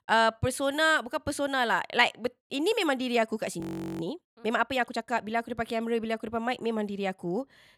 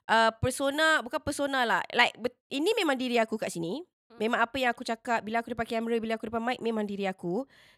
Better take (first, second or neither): second